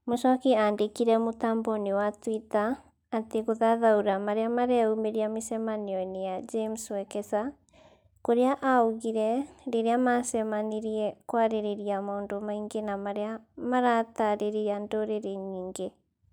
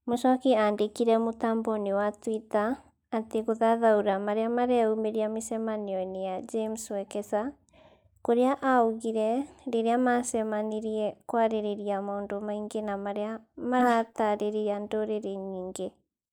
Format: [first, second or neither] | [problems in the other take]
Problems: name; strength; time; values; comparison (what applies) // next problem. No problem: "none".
first | noise reduction (neural mask model Resemble Enhance denoiser)